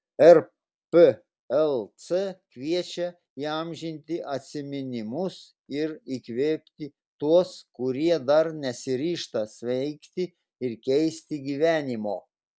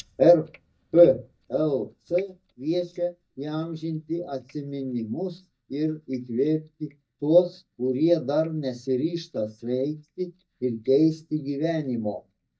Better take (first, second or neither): first